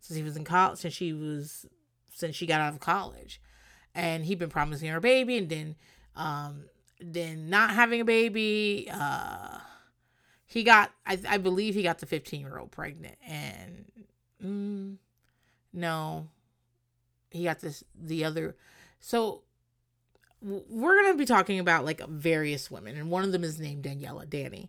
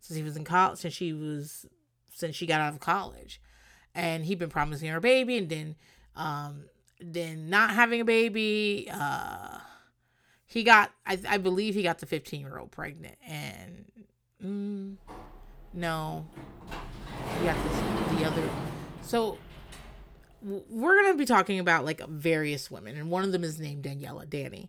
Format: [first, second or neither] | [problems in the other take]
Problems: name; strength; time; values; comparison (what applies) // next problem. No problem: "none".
first | door banging; noticeable; from 15 to 20 s; peak 2 dB below the speech